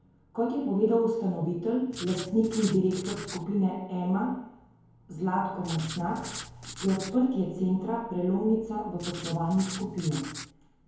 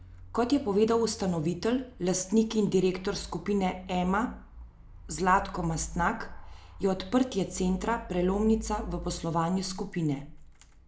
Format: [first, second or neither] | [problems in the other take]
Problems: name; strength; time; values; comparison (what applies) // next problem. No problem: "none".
second | background sound (Writing); 12 dB below the speech // room echo; dies away in 0.9 s